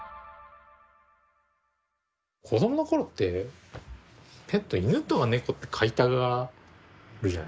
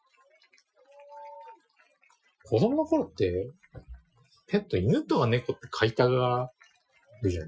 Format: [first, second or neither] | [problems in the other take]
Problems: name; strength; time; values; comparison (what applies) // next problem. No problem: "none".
first | noise reduction (classical method Wiener filter)